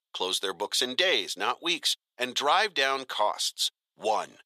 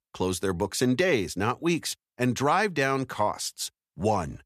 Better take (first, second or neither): second